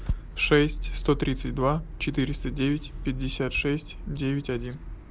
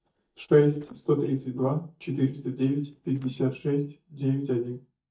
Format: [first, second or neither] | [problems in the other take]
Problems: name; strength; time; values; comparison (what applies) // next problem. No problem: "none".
first | noise reduction (neural mask model DeepFilterNet 3)